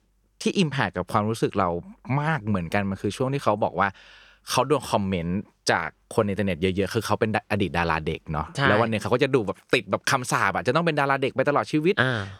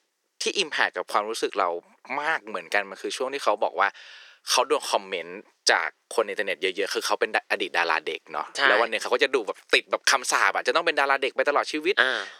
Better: first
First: none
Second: thin; very; fading below 350 Hz

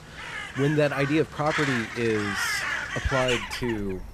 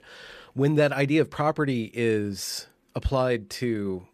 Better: second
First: animal sounds; loud; throughout; 3 dB below the speech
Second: none

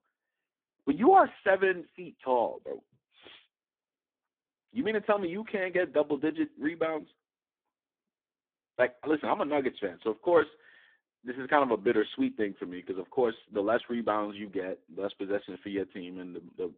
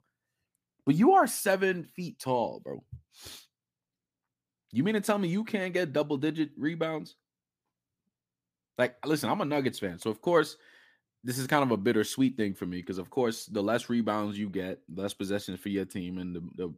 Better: second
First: phone-call audio; poor line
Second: none

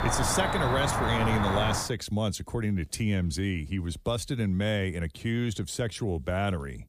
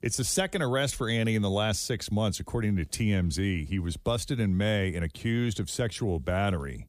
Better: second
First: animal sounds; very loud; until 2 s; as loud as the speech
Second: none

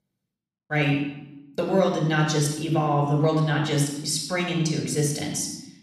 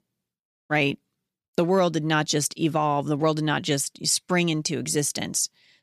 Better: second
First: off-mic speech; somewhat distant // room echo; noticeable; dies away in 0.8 s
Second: none

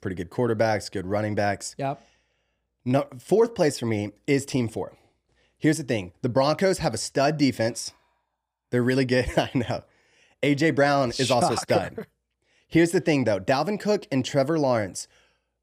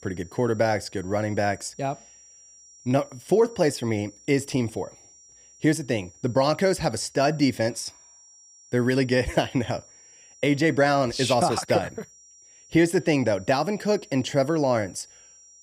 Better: first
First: none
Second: high-pitched whine; faint; throughout; 5.5 kHz, 25 dB below the speech

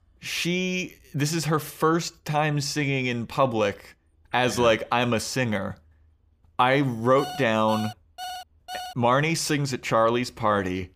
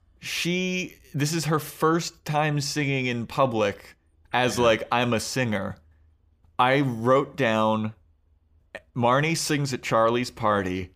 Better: second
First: alarm; faint; from 7 to 9 s; peak 10 dB below the speech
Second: none

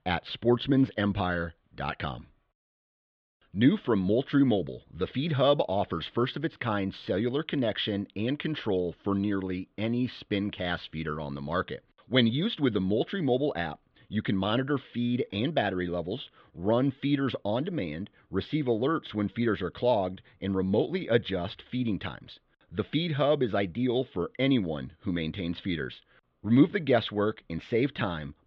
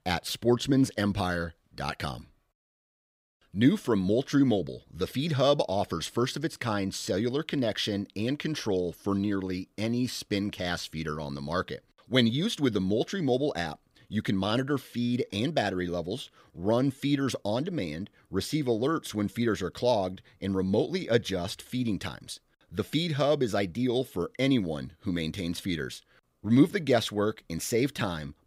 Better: second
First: muffled; very; fading above 3.5 kHz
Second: none

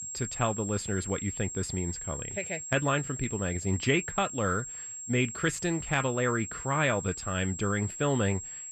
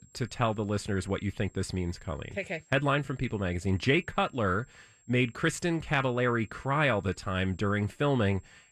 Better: second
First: high-pitched whine; loud; throughout; 7.5 kHz, 7 dB below the speech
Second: high-pitched whine; faint; throughout; 7.5 kHz, 30 dB below the speech

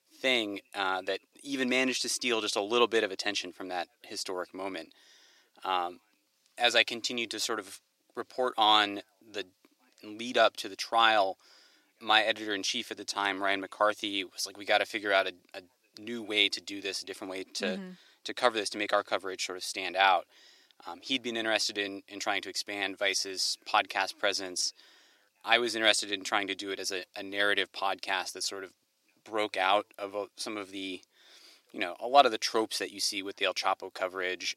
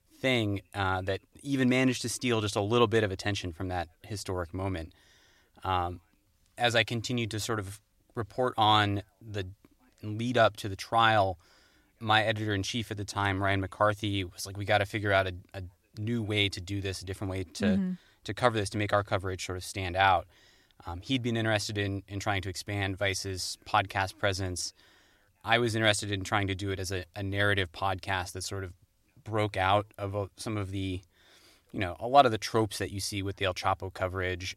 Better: second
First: thin; somewhat; fading below 300 Hz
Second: none

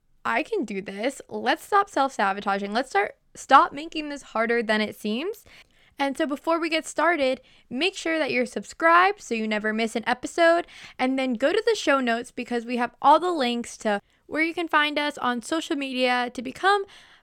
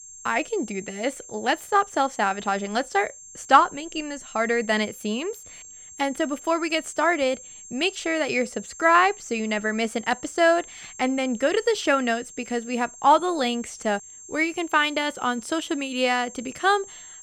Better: first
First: none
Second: high-pitched whine; noticeable; throughout; 7.5 kHz, 15 dB below the speech

